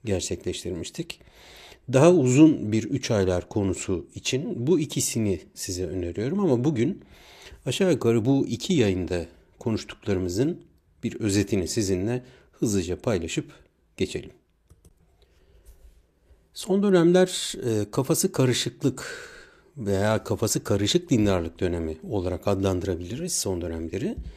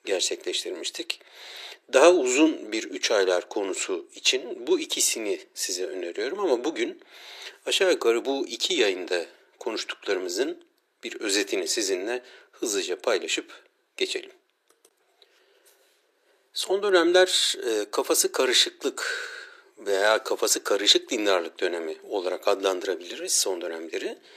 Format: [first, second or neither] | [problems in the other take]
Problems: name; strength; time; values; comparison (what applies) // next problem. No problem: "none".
first | thin; very; fading below 350 Hz